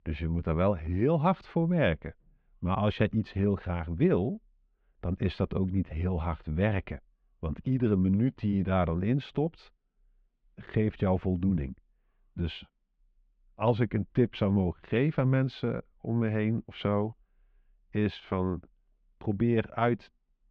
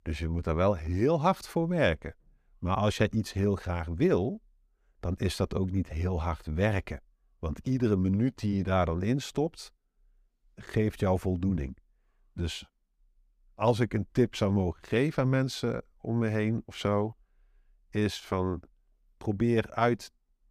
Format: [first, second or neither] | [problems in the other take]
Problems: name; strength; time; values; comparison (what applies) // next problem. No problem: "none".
second | muffled; slightly; fading above 3 kHz